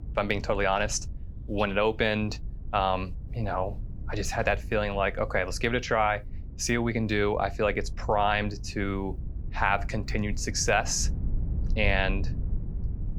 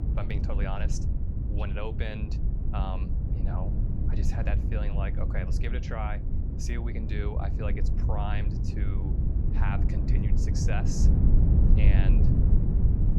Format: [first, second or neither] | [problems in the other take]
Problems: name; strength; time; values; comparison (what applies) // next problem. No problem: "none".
first | low rumble; loud; throughout; 2 dB below the speech; faint in the first